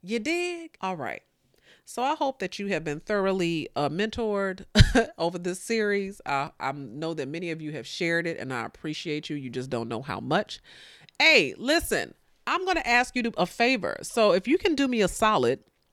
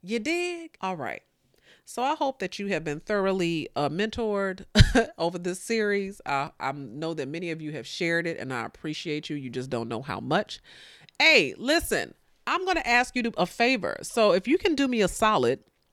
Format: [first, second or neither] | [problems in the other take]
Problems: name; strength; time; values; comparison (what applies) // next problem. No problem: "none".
neither | none